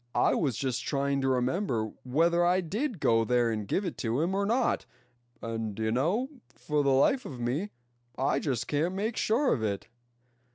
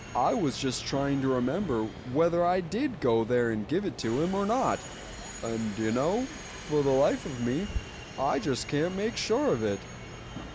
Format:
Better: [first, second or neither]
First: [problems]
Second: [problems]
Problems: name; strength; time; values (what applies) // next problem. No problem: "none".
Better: first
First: none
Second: background sound (Subway, metro, underground); 12 dB below the speech